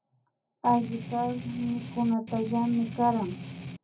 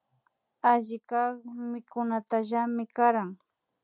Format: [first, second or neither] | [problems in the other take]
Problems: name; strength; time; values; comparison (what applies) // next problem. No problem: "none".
second | background sound (Strum); 10 dB below the speech // room echo; dies away in 0.4 s